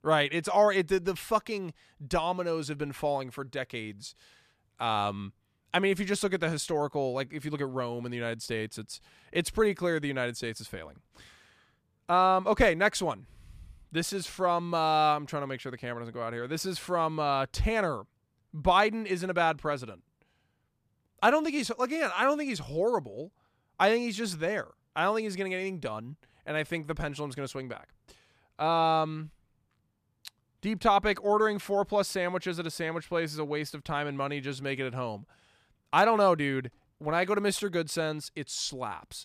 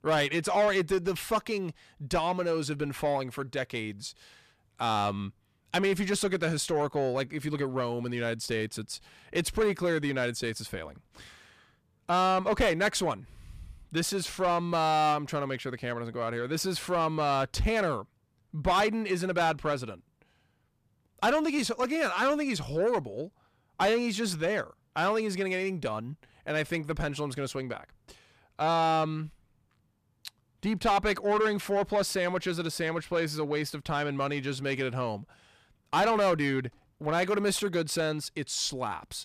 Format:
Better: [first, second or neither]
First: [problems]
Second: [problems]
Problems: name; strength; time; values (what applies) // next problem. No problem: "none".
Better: first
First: none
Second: distortion; slight; 10 dB below the speech